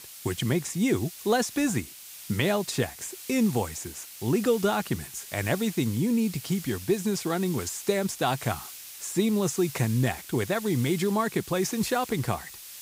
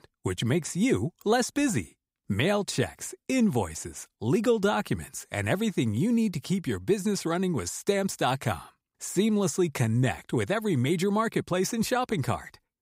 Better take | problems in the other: second | hiss; noticeable; throughout; 15 dB below the speech

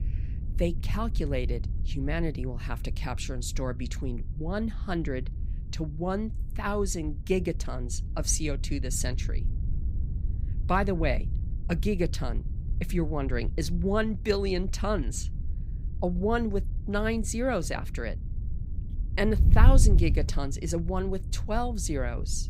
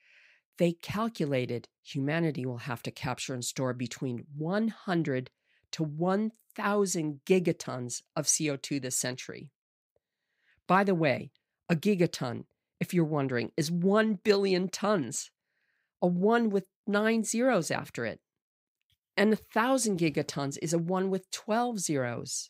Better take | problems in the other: second | wind noise on the microphone; occasional gusts; 15 dB below the speech

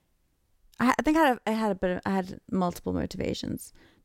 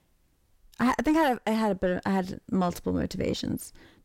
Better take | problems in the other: first | distortion; slight; 10 dB below the speech

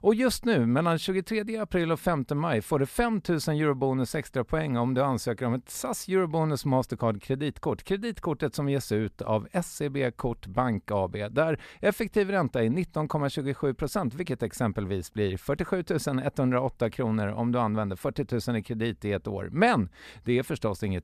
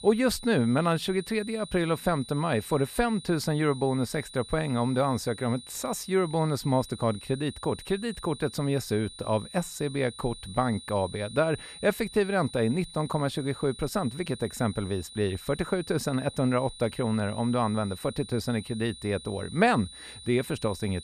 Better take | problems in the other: first | high-pitched whine; noticeable; throughout; 4 kHz, 15 dB below the speech

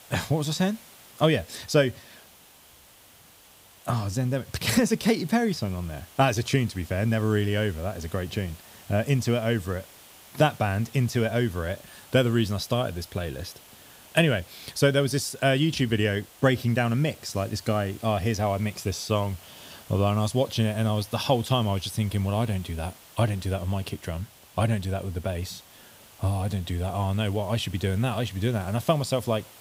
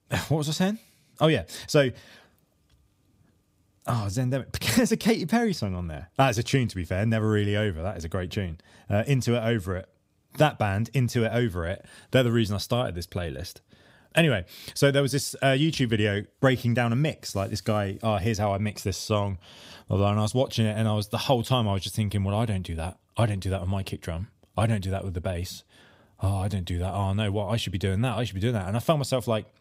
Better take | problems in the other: second | hiss; faint; throughout; 20 dB below the speech

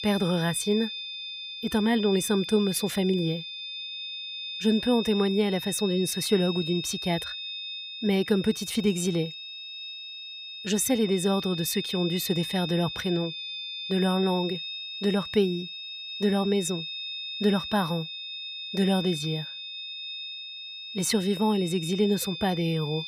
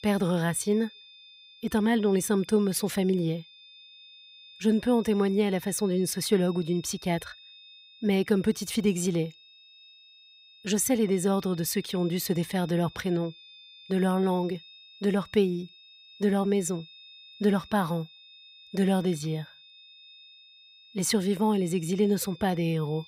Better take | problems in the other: second | high-pitched whine; loud; throughout; 3.5 kHz, 7 dB below the speech; faint in the second

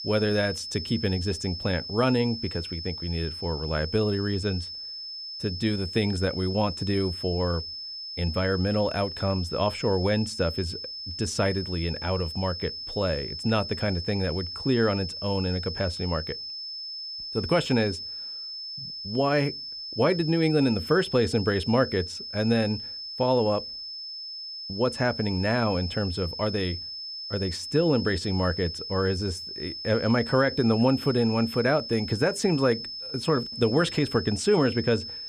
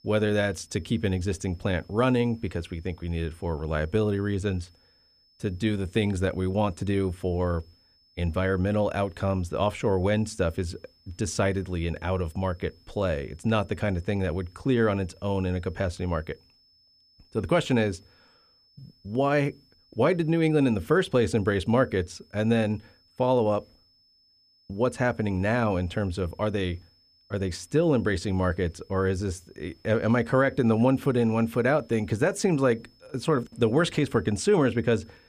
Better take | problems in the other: second | high-pitched whine; loud; throughout; 5 kHz, 7 dB below the speech; faint in the second

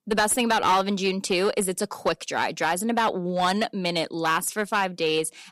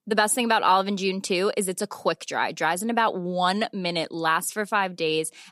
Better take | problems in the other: second | distortion; slight; 5% of the sound clipped

